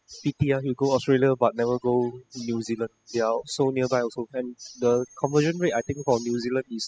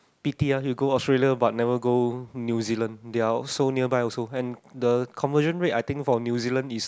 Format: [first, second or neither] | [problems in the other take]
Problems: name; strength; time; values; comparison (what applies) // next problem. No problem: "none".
second | noise reduction (classical method spectral subtraction)